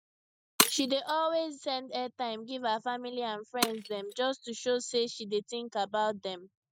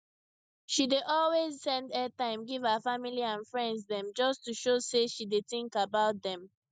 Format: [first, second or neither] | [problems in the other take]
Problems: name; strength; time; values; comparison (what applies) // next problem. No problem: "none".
second | noise reduction (neural mask model RNNoise)